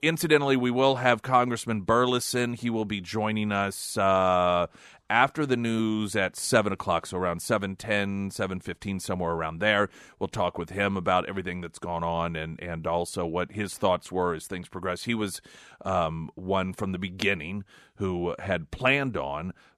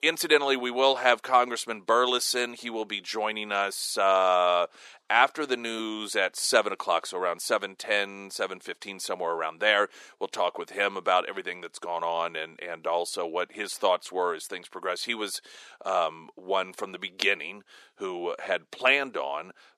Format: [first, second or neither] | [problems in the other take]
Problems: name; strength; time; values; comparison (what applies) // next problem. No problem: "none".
first | thin; somewhat; fading below 400 Hz